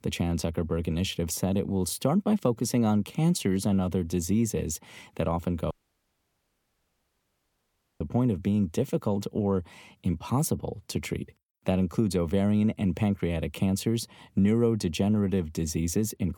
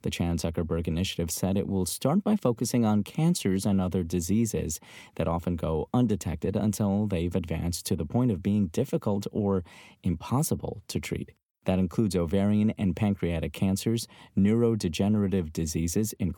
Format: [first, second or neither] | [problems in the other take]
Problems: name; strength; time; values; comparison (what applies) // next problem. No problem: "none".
second | audio cutting out; at 5.5 s for 2.5 s